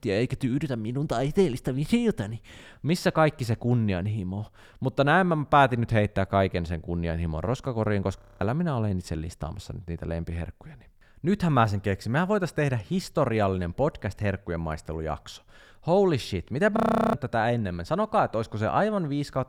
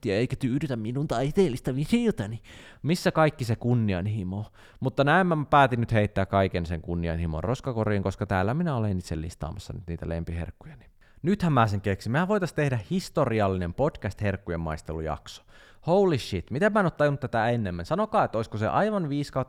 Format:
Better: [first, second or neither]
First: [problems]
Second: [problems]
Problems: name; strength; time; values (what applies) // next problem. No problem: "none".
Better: second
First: audio freezing; at 8 s and at 17 s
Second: none